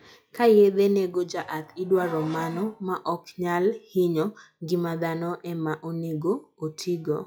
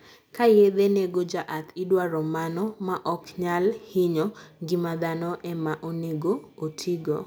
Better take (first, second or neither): second